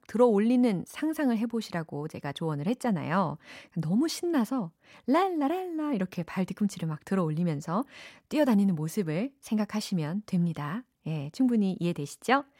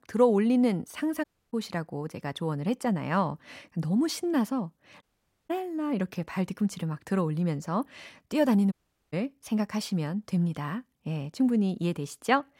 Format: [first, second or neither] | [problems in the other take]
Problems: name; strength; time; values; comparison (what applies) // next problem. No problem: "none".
first | audio cutting out; at 1 s, at 5 s and at 8.5 s